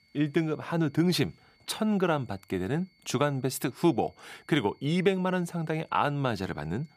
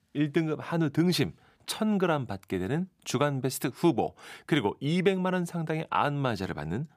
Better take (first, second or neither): second